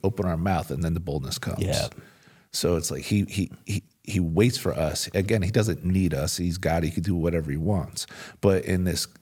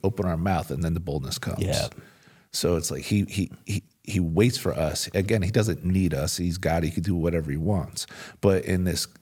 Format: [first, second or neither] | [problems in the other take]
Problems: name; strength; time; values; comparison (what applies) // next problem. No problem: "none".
neither | none